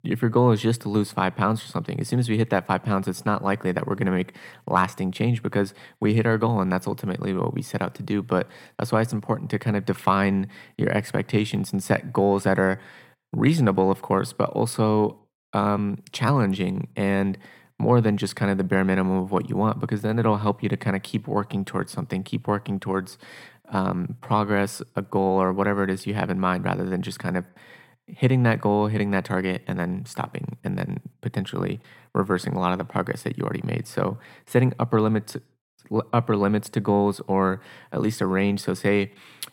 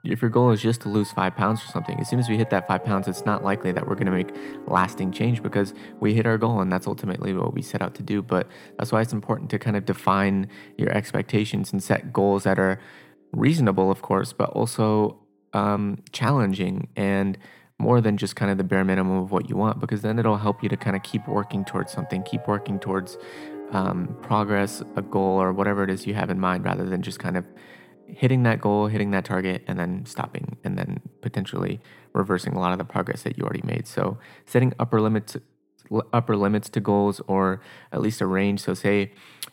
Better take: first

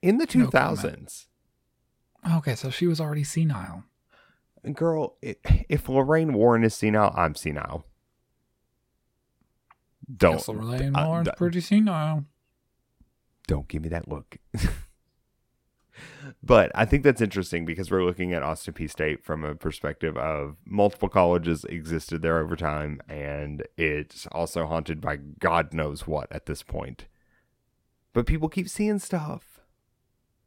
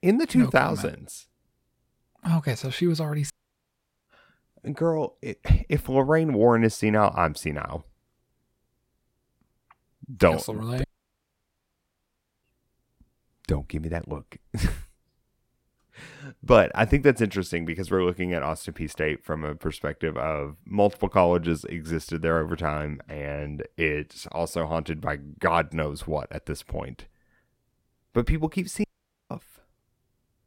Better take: first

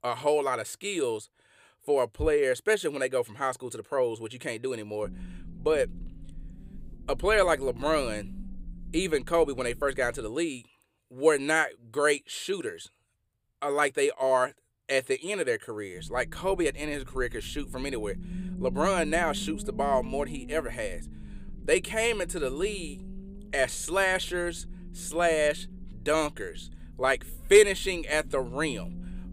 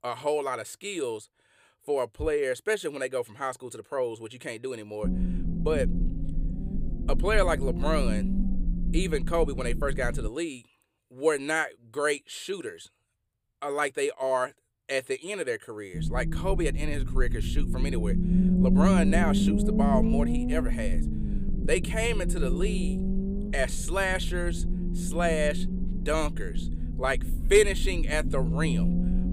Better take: first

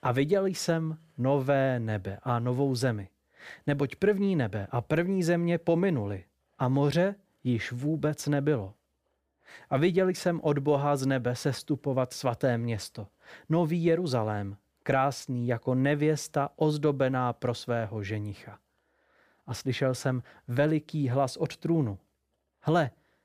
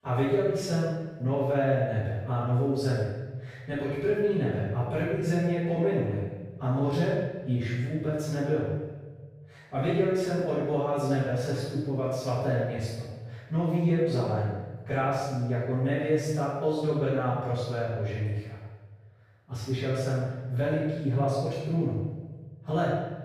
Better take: first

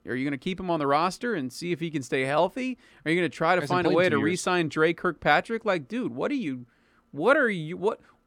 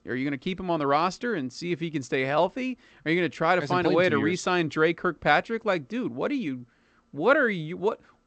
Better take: first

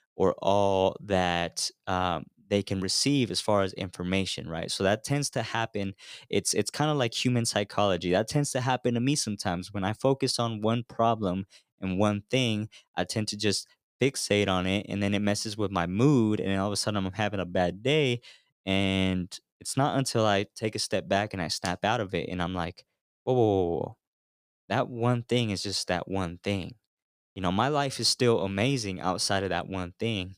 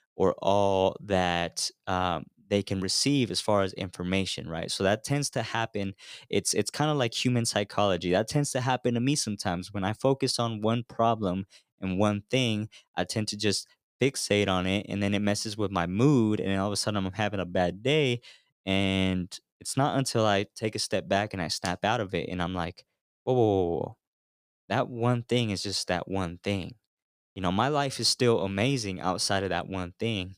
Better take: neither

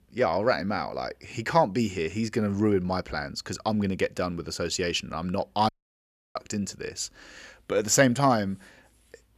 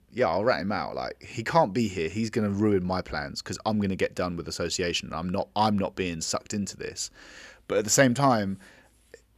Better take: second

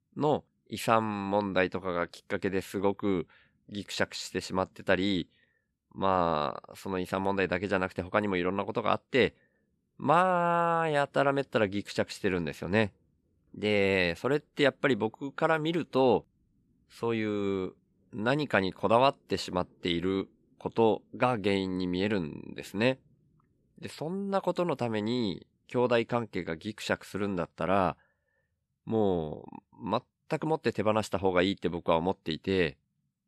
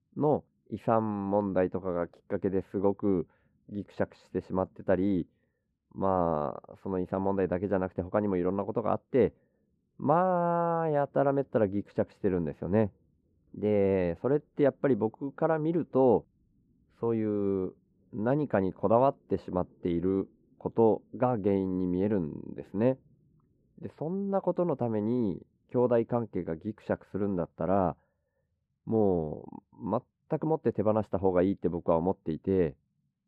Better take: first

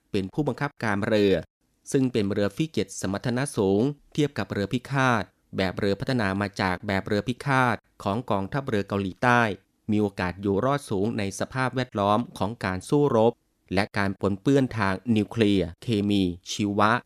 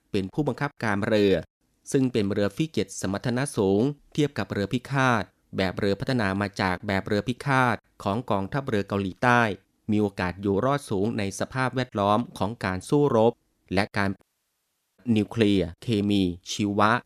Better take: first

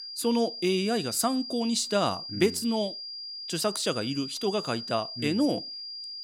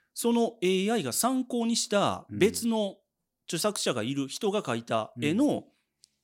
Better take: second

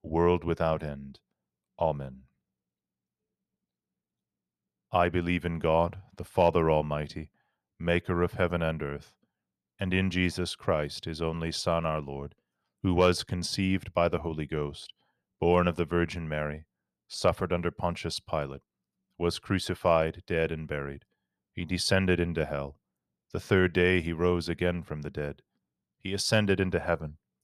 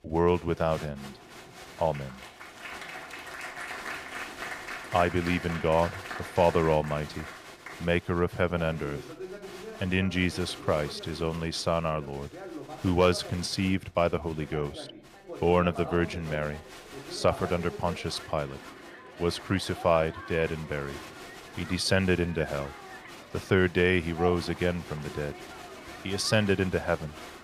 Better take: first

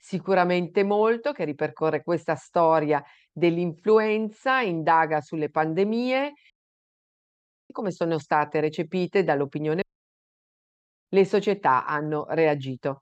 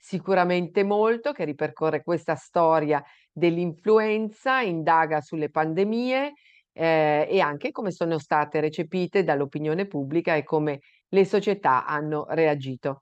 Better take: second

